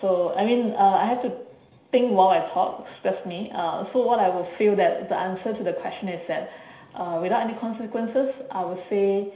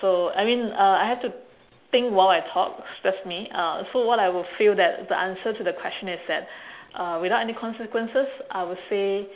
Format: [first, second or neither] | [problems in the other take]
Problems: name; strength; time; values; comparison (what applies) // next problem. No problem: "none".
second | room echo; dies away in 0.5 s